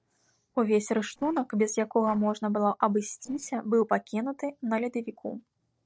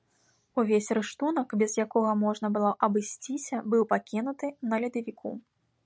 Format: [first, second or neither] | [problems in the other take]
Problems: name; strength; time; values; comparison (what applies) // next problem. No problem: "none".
second | noise reduction (neural separator model SepFormer DNS4)